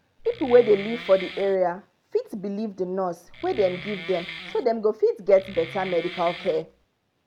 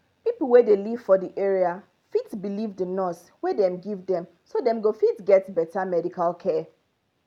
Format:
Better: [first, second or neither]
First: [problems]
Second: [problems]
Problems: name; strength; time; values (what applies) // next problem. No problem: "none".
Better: second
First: background sound (Wood); 14 dB below the speech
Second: none